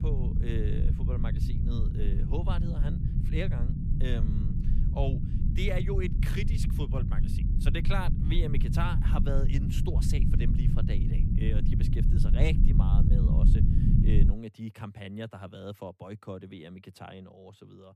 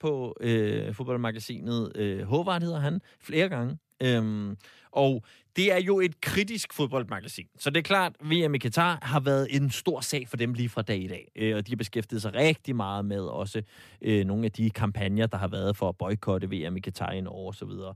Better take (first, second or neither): second